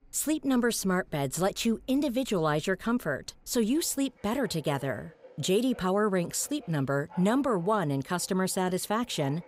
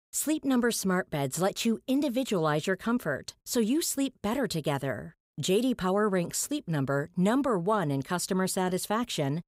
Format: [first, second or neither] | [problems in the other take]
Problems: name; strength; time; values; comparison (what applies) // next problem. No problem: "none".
second | household noises; faint; throughout; 25 dB below the speech